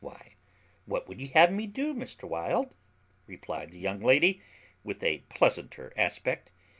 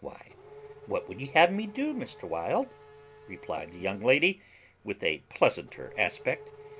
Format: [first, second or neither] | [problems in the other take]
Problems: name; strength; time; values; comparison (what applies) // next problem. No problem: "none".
first | background sound (Race car, auto racing / Accelerating, revving, vroom); 20 dB below the speech